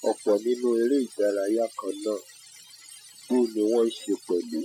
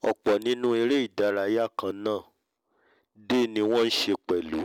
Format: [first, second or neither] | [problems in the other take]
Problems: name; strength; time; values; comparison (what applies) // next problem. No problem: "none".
second | noise reduction (classical method Wiener filter)